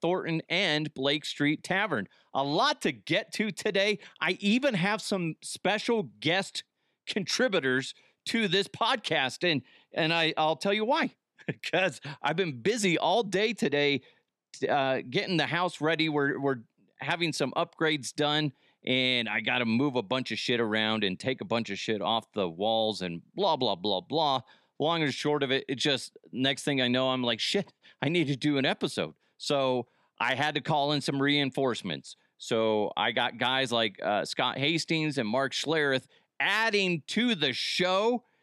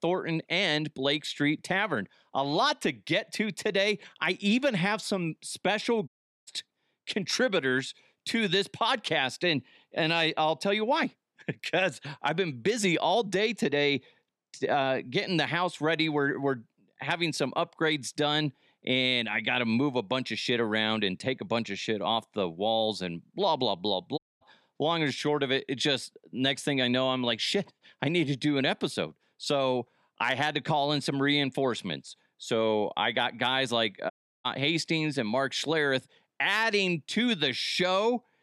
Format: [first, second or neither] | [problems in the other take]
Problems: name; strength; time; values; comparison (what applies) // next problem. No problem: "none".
first | audio cutting out; at 6 s, at 24 s and at 34 s